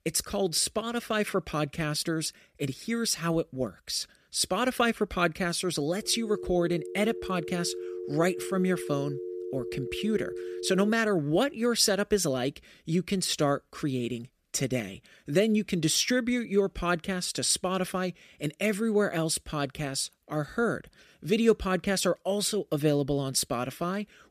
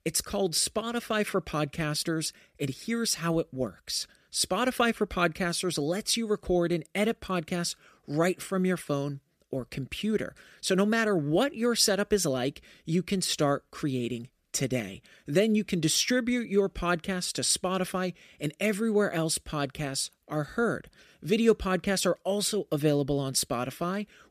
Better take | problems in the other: second | phone ringing; noticeable; from 6 to 11 s; peak 8 dB below the speech

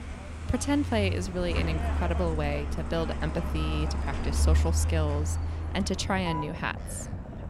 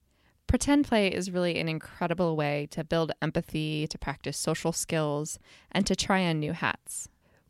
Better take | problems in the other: second | traffic noise; very loud; throughout; as loud as the speech

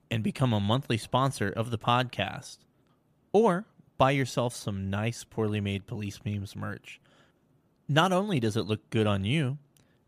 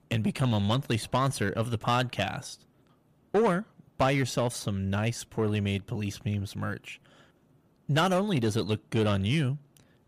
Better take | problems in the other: first | distortion; slight; 10 dB below the speech

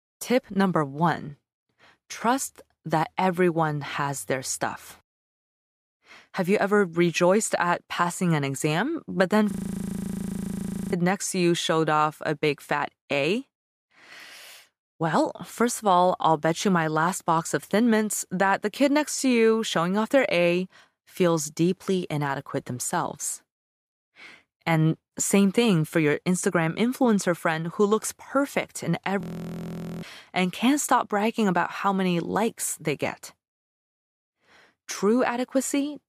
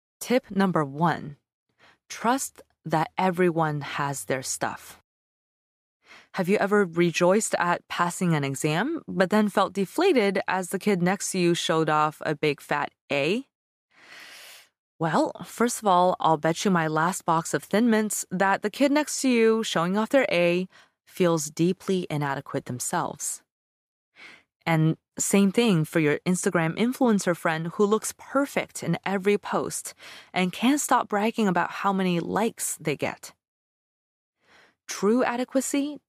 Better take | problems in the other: second | audio freezing; at 9.5 s for 1.5 s and at 29 s for 1 s

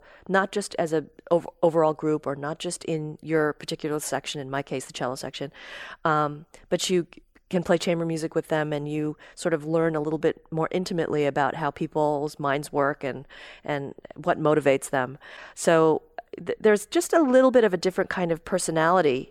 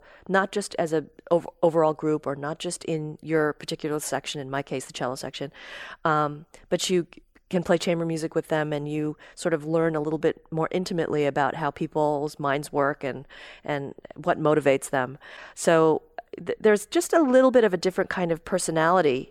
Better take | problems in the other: neither | none

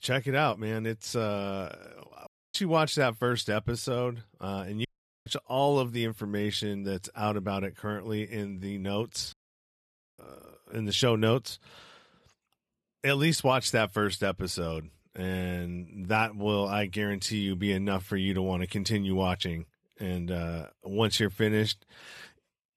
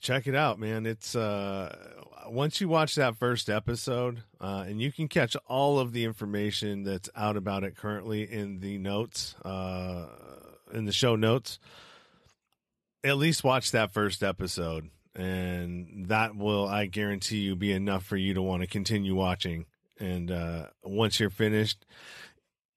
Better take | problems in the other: second | audio cutting out; at 2.5 s, at 5 s and at 9.5 s for 1 s

